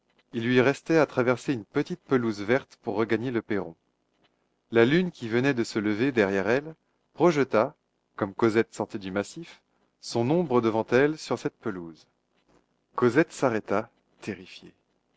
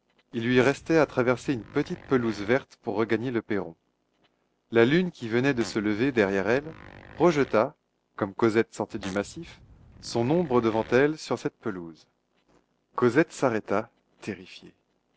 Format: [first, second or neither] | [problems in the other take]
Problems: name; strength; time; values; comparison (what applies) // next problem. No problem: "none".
first | background sound (Fart); 19 dB below the speech